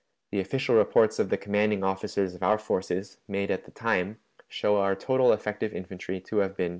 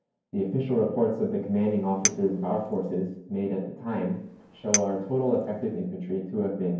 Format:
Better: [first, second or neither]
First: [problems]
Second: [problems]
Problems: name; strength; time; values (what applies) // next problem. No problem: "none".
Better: first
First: none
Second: background sound (Chink, clink); 7 dB below the speech // room echo; dies away in 0.9 s